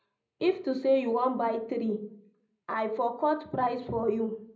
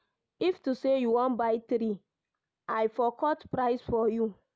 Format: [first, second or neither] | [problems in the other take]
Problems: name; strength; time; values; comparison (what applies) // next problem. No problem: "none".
second | room echo; dies away in 0.4 s